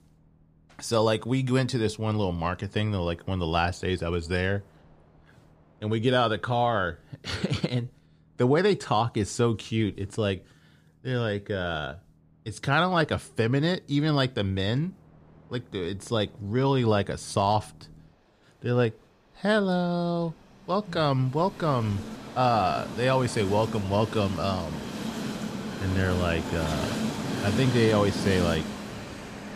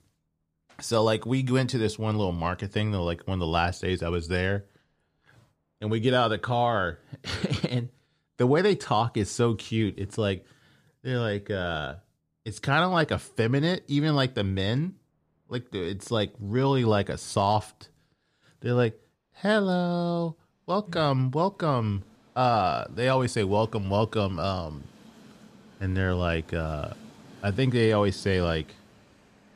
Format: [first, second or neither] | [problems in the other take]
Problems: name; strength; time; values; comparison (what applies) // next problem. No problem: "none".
second | train or aircraft noise; loud; throughout; 7 dB below the speech; faint in the second